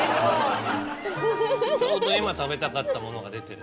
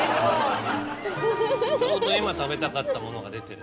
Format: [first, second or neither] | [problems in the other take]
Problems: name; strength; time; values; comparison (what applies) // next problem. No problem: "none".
first | background sound (Motorcycle / Engine); 15 dB below the speech